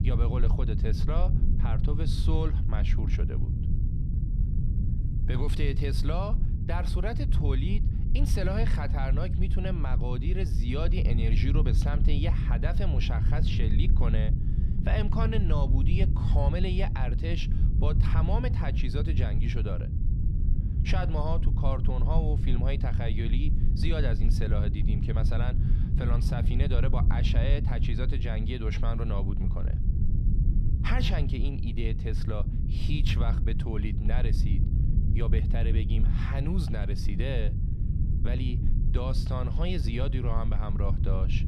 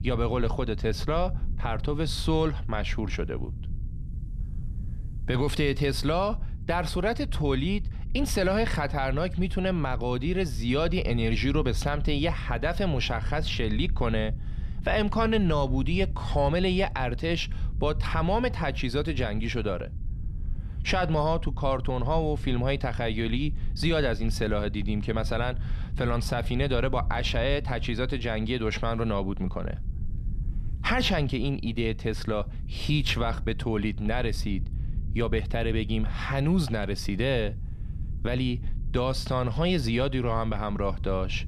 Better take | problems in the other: second | low rumble; loud; throughout; 5 dB below the speech; faint in the second

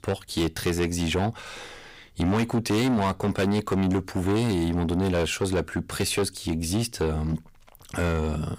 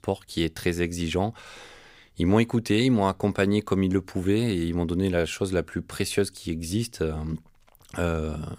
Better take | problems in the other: second | distortion; heavy; 7 dB below the speech

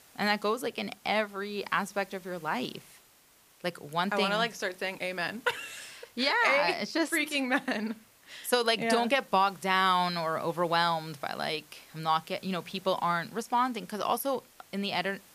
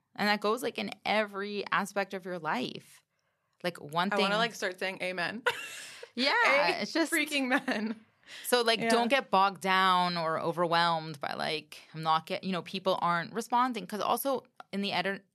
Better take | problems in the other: second | hiss; faint; throughout; 25 dB below the speech

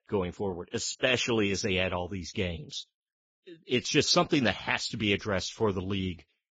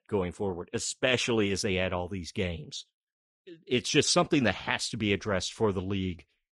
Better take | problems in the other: second | garbled, watery; badly; nothing above 7.5 kHz; slightly in the second

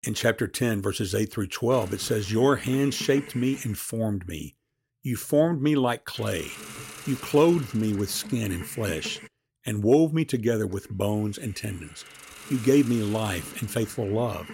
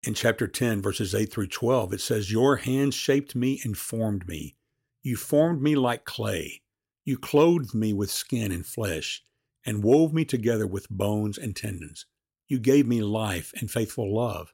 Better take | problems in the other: second | hiss; noticeable; from 1.5 to 4 s, from 6 to 9.5 s and from 11 s on; 15 dB below the speech

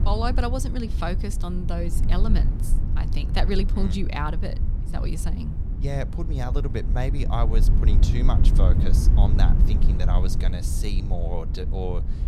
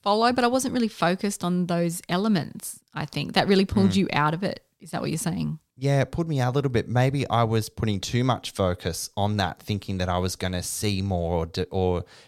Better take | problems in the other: second | low rumble; loud; throughout; 7 dB below the speech

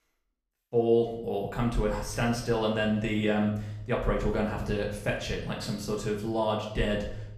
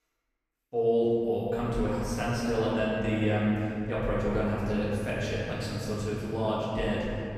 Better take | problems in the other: first | room echo; strong; dies away in 3 s; slight in the first // off-mic speech; far; far in the first

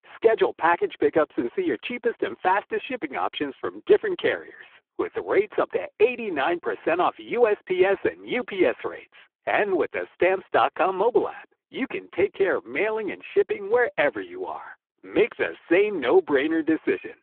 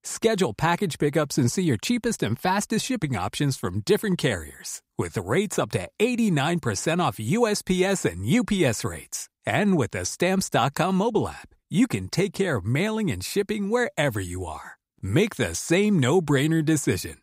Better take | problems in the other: second | phone-call audio; poor line

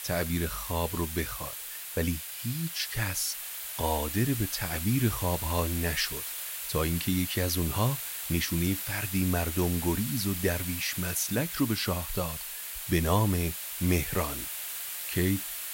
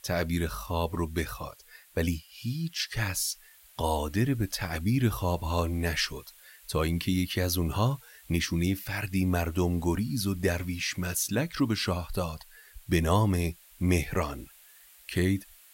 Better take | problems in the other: second | hiss; loud; throughout; 4 dB below the speech; faint in the second

